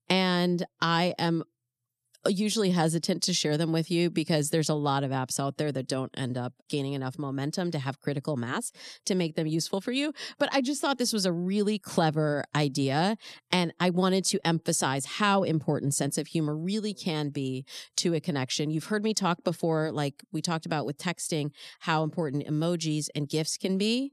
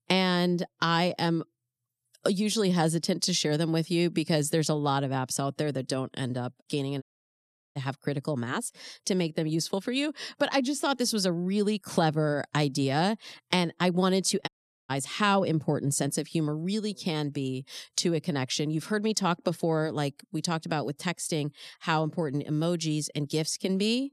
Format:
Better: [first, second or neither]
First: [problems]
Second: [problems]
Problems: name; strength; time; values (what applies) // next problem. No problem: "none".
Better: first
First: none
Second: audio cutting out; at 7 s for 0.5 s and at 14 s